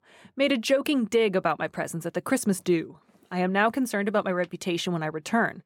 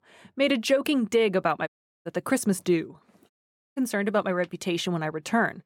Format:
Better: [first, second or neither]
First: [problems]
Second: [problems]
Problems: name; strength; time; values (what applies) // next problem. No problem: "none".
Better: first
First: none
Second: audio cutting out; at 1.5 s and at 3.5 s